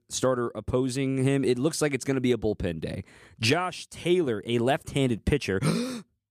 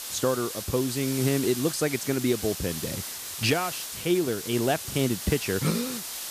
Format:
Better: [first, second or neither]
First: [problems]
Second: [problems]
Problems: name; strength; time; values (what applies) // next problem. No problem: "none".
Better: first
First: none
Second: hiss; loud; throughout; 6 dB below the speech